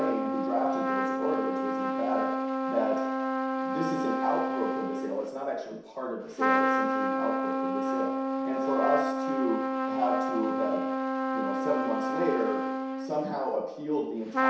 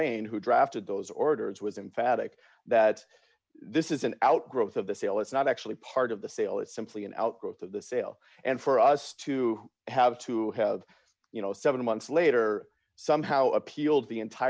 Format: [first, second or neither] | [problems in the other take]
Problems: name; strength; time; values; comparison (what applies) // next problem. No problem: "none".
second | background sound (Trumpet); 3 dB above the speech // room echo; dies away in 0.7 s